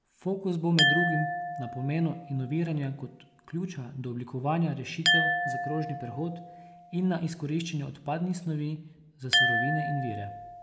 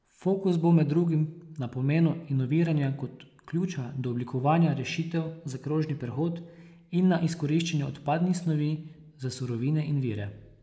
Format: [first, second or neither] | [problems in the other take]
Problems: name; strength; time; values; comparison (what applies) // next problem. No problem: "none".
second | background sound (Glass); 1 dB below the speech